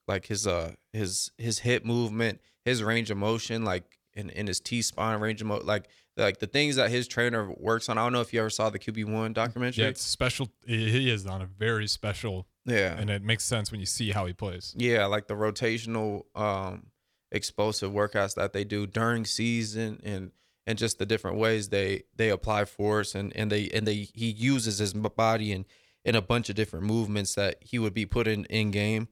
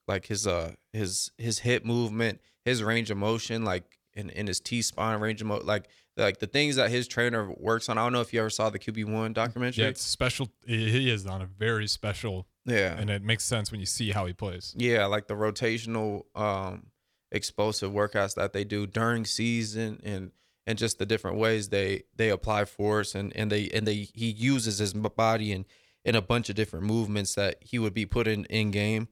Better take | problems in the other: neither | none

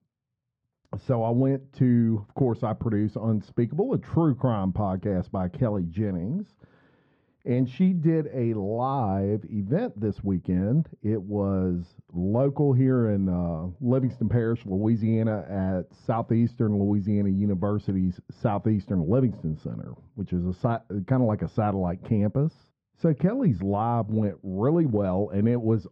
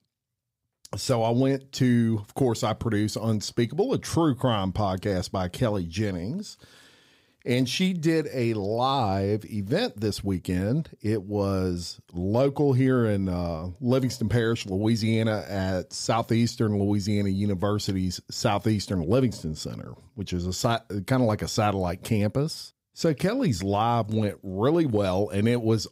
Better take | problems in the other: second | muffled; very; fading above 1 kHz

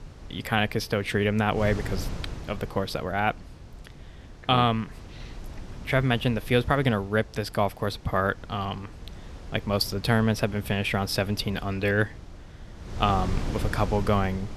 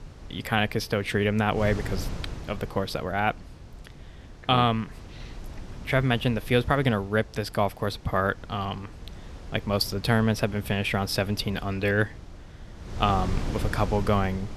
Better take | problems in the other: neither | wind noise on the microphone; occasional gusts; 20 dB below the speech; the same in both

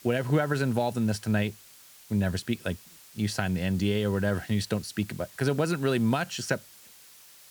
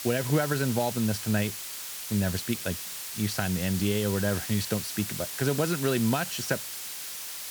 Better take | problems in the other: first | hiss; loud; throughout; 5 dB below the speech; faint in the first

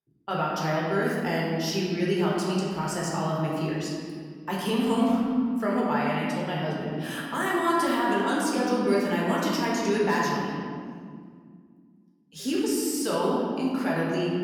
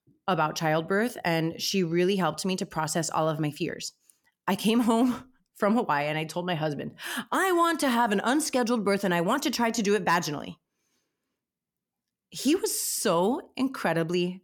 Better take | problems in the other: second | room echo; noticeable; dies away in 2 s // off-mic speech; far

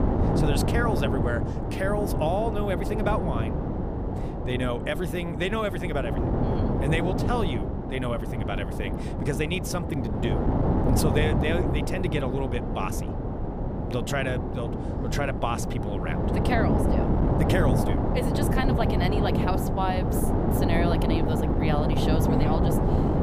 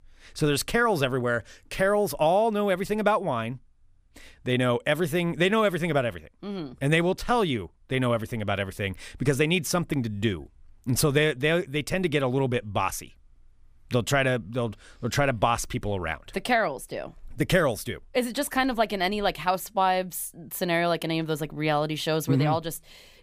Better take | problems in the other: second | wind noise on the microphone; heavy; 1 dB below the speech

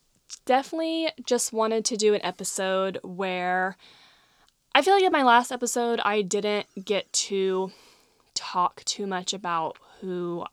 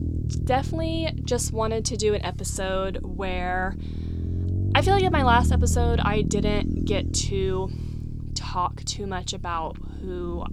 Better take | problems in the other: first | low rumble; noticeable; throughout; 15 dB below the speech

